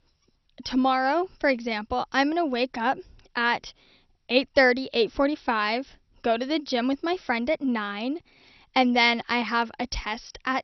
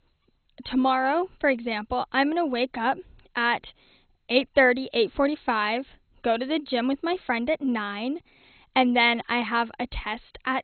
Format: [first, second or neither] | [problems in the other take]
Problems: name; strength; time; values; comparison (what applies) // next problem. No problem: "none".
first | garbled, watery; badly; nothing above 4 kHz; slightly in the first